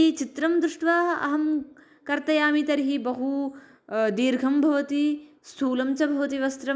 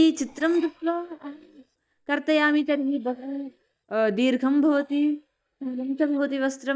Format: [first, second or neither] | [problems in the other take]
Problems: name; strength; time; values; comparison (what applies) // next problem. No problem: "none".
first | noise reduction (neural mask model DeepFilterNet 3)